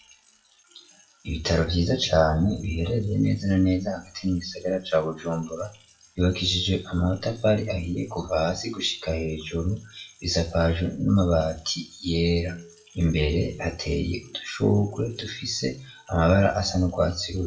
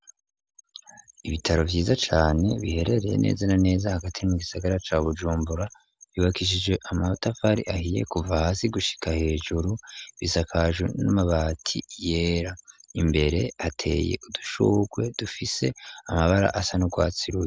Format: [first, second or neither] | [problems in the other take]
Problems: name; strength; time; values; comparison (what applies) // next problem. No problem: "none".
second | noise reduction (classical method WPE with log-MMSE)